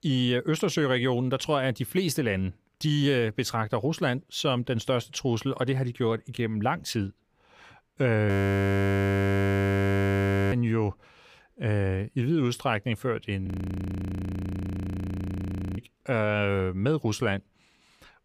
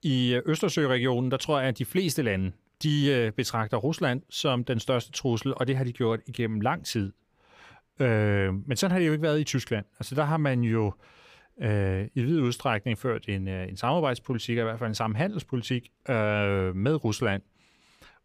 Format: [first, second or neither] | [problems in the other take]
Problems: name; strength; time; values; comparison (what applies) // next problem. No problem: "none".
second | audio freezing; at 8.5 s for 2 s and at 13 s for 2.5 s